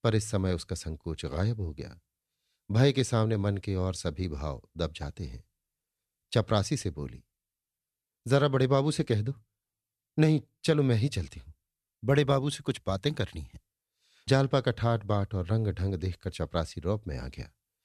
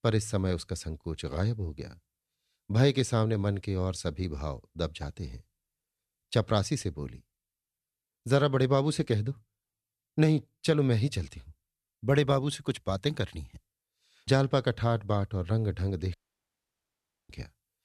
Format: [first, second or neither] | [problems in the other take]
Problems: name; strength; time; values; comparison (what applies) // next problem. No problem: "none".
first | audio cutting out; at 16 s for 1 s